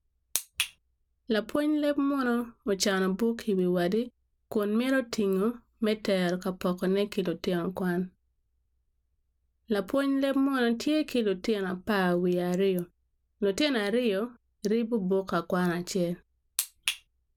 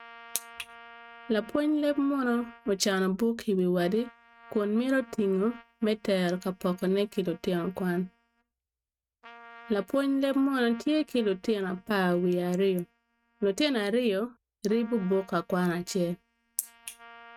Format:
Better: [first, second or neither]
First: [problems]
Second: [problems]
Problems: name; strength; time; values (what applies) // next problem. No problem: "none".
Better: first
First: none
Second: noise reduction (neural mask model RNNoise)